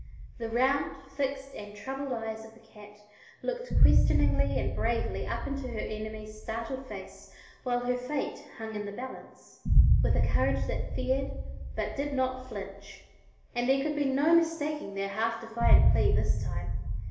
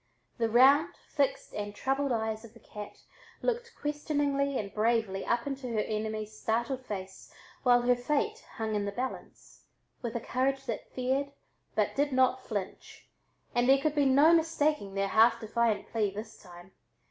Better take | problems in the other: second | background sound (Boom); 3 dB above the speech // room echo; dies away in 0.8 s

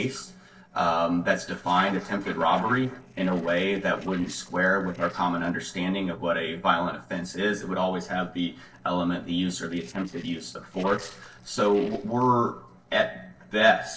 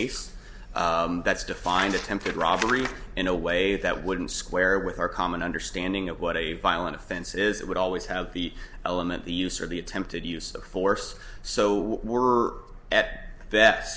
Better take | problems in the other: second | noise reduction (neural separator model SepFormer DNS4)

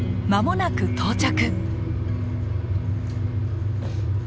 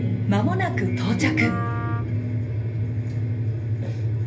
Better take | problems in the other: first | background sound (Wind instrument, woodwind instrument); 15 dB below the speech // room echo; dies away in 0.3 s

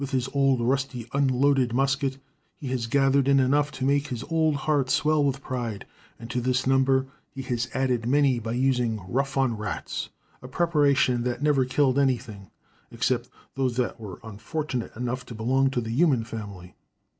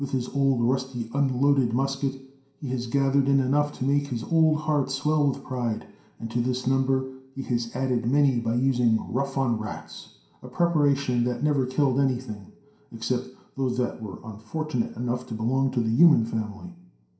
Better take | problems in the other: first | room echo; dies away in 0.5 s

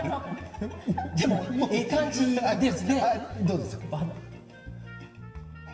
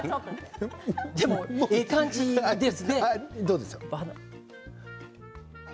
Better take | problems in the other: second | room echo; dies away in 2 s

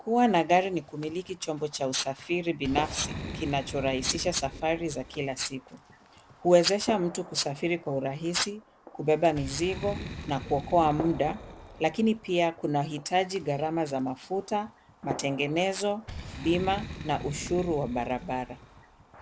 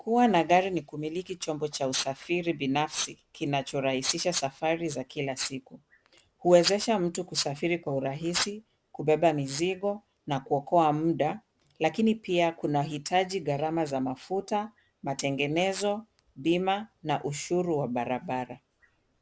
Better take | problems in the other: second | background sound (Boom + Gunshot, gunfire); 13 dB below the speech

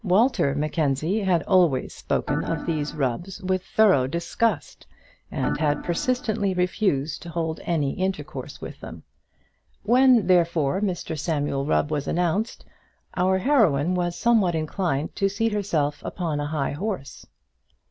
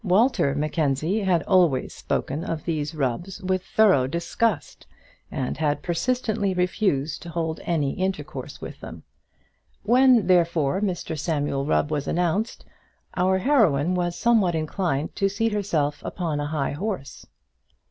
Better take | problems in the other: second | background sound (Organ); 8 dB below the speech

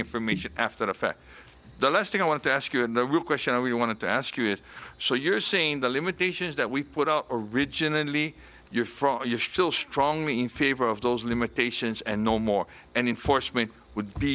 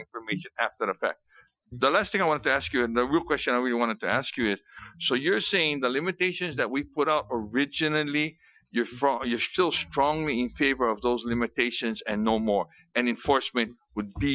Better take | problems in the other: first | noise reduction (classical method Wiener filter)

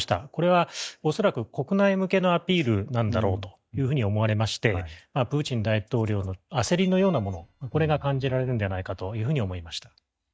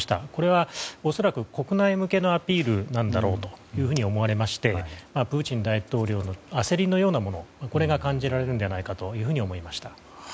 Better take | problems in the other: second | noise reduction (neural mask model DeepFilterNet 3)

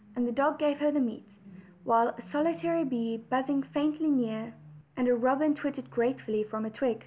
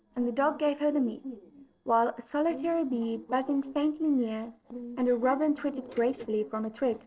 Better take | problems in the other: first | noise reduction (neural separator model SepFormer DNS4)

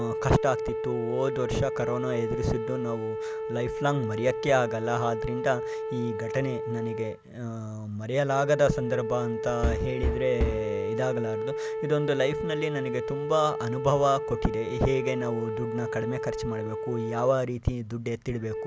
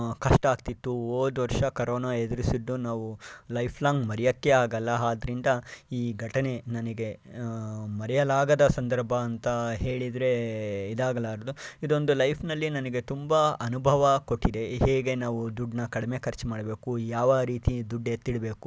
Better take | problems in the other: second | background sound (Knock + Wind instrument, woodwind instrument); 4 dB below the speech

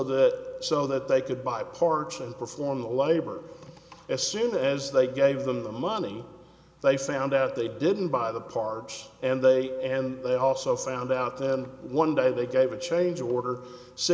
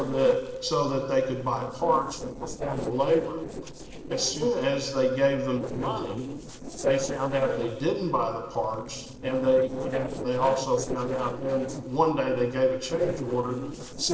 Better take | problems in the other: first | noise reduction (neural separator model SepFormer DNS4)

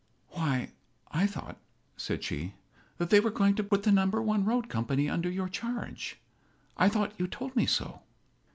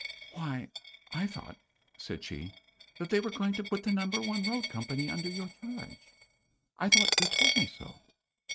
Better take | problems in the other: first | noise reduction (neural mask model RNNoise)

